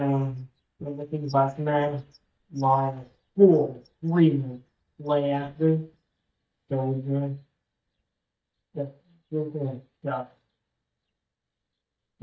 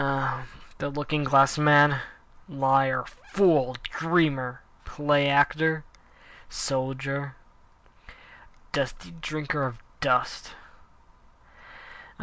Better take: second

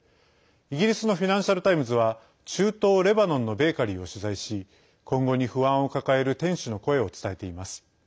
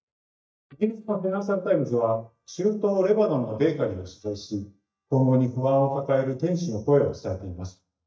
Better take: first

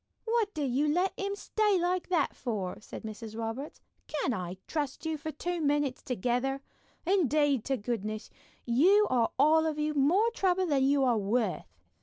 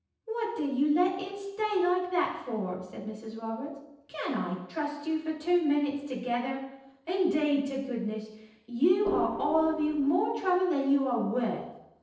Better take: first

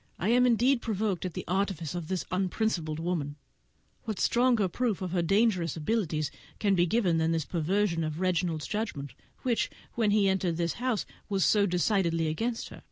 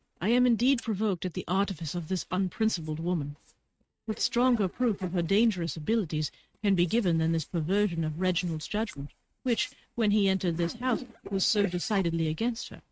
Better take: first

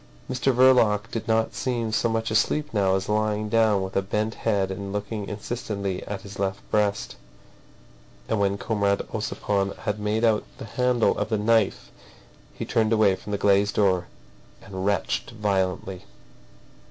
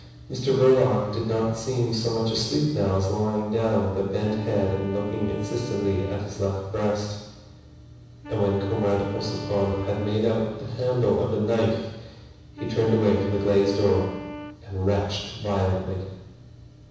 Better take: first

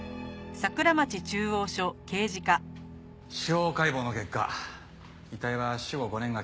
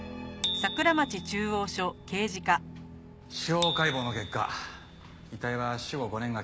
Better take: first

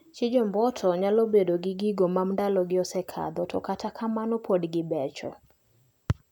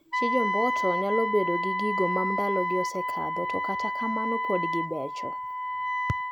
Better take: first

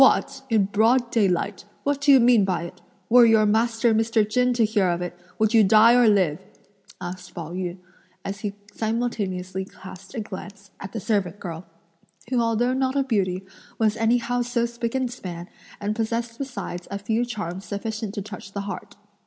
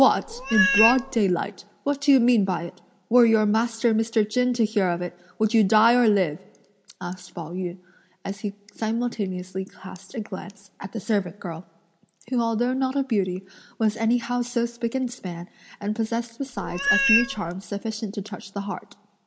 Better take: first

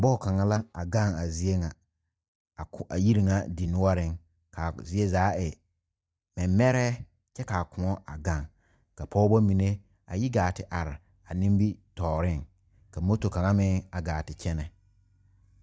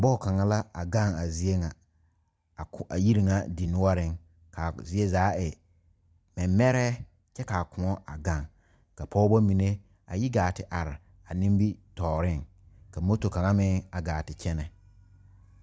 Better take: second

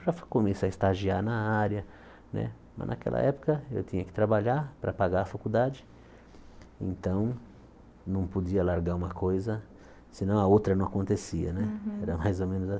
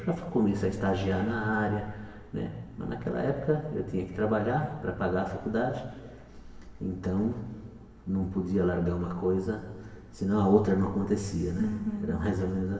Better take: first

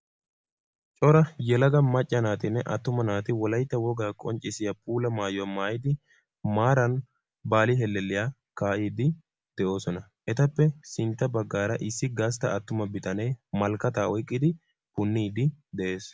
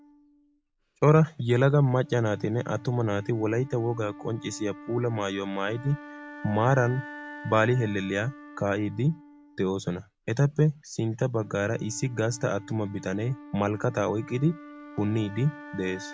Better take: first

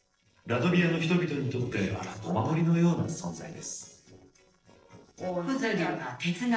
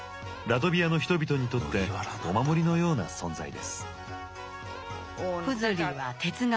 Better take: second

